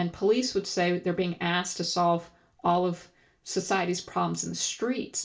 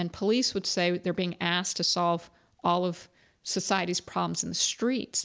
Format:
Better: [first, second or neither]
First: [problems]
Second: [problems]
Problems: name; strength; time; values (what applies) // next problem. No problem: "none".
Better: second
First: room echo; dies away in 0.2 s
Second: none